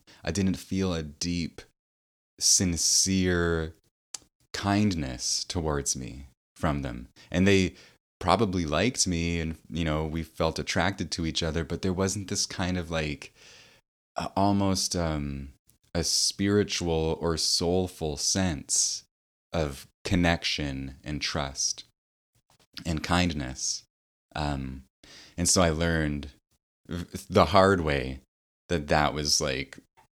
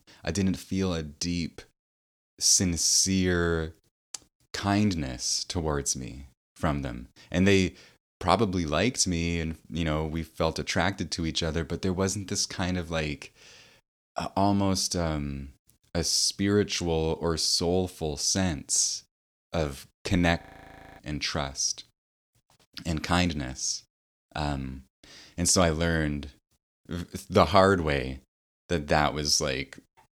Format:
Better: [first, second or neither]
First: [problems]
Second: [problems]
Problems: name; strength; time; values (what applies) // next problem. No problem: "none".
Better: first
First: none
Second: audio freezing; at 20 s for 0.5 s